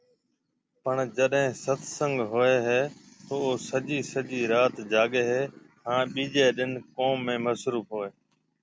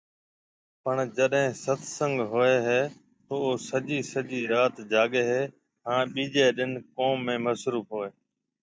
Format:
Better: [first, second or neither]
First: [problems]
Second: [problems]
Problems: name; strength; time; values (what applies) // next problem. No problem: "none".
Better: first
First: none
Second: noise reduction (neural mask model DeepFilterNet 3)